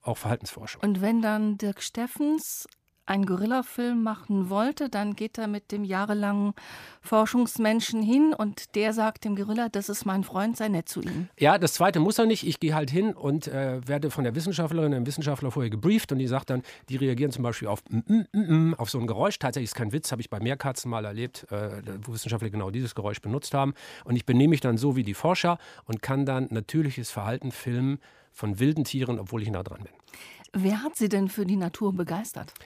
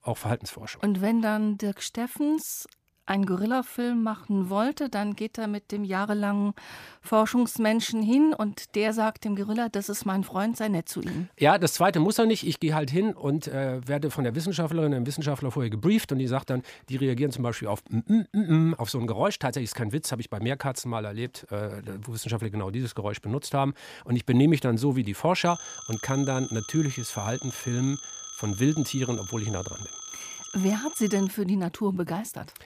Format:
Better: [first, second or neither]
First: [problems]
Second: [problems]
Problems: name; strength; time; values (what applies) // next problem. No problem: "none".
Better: first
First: none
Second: phone ringing; noticeable; from 25 to 31 s; peak 10 dB below the speech